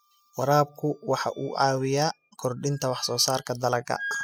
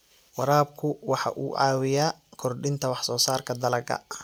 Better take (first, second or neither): second